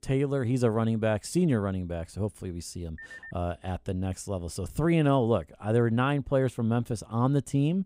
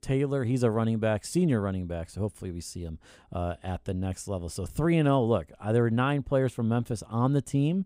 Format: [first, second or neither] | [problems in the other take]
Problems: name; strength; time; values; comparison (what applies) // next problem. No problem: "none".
second | phone ringing; faint; at 3 s; peak 15 dB below the speech